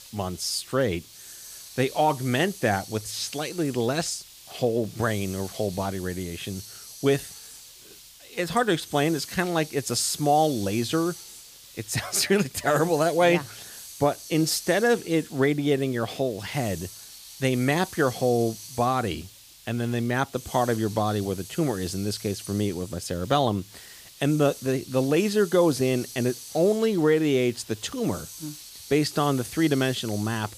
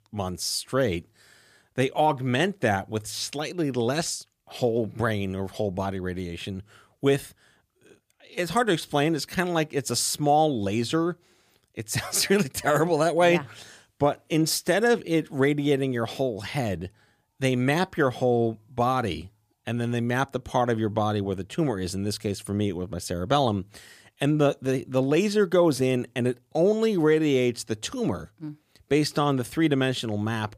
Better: second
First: hiss; noticeable; throughout; 15 dB below the speech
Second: none

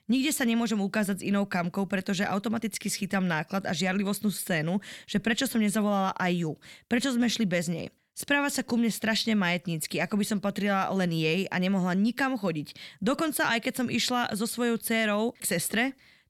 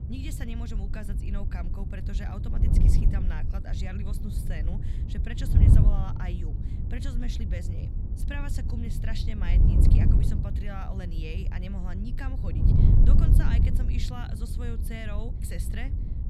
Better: first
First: none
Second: wind noise on the microphone; heavy; 1 dB above the speech

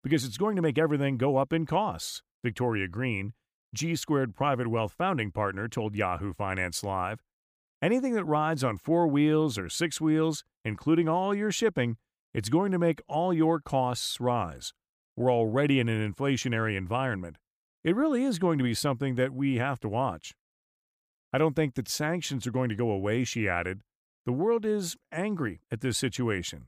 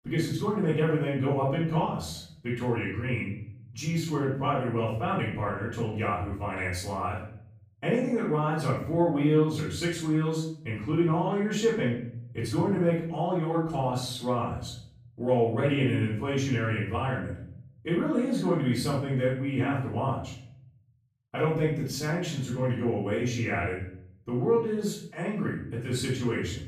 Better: first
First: none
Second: off-mic speech; far // room echo; noticeable; dies away in 0.6 s

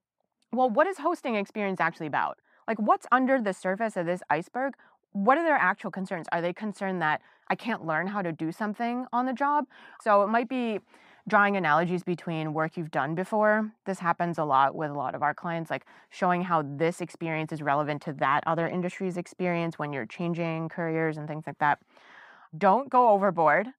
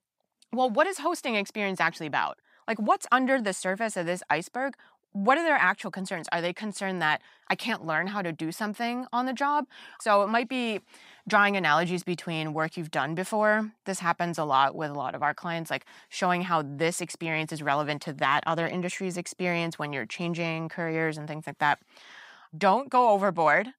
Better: second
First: muffled; slightly; fading above 2.5 kHz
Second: none

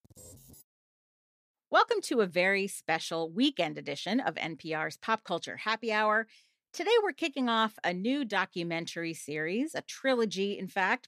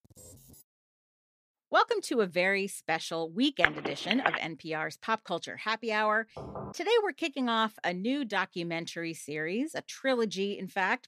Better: first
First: none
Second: phone ringing; loud; at 3.5 s; peak 2 dB above the speech // door banging; faint; at 6.5 s; peak 10 dB below the speech

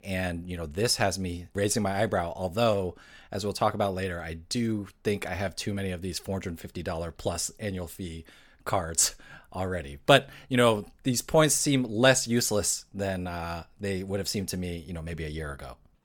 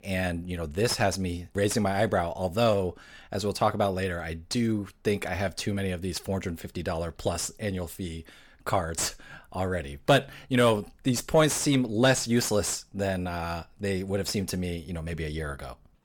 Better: first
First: none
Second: distortion; slight; 10 dB below the speech

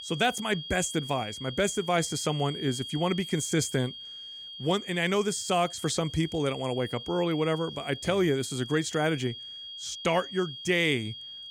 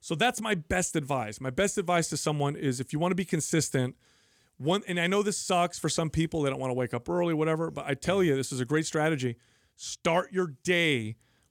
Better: second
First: high-pitched whine; noticeable; throughout; 3.5 kHz, 10 dB below the speech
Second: none

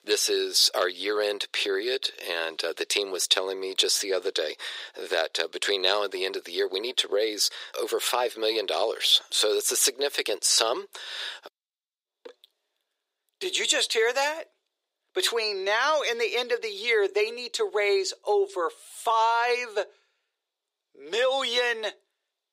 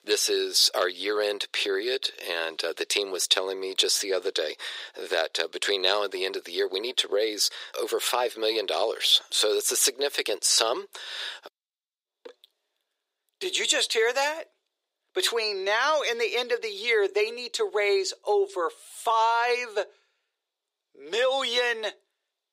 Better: neither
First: thin; very; fading below 400 Hz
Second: thin; very; fading below 400 Hz

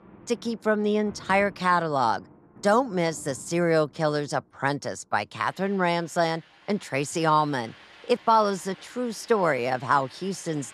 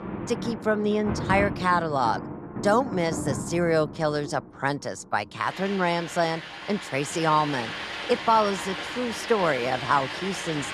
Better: first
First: rain or running water; faint; throughout; 25 dB below the speech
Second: rain or running water; loud; throughout; 8 dB below the speech

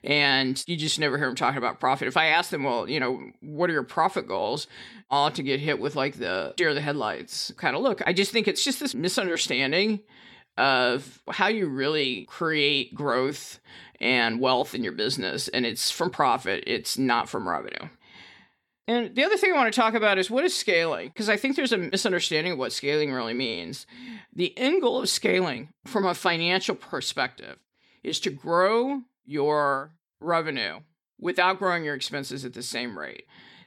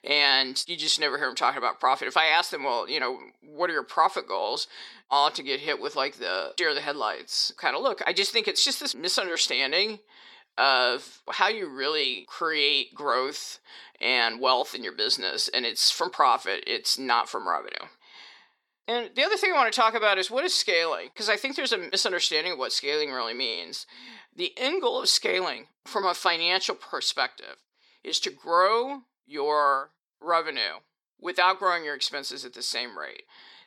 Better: first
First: none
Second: thin; somewhat; fading below 500 Hz

